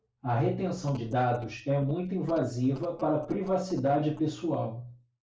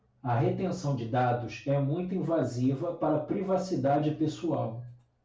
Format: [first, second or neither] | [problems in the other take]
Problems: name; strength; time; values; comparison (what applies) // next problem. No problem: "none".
second | noise reduction (neural mask model Resemble Enhance denoiser)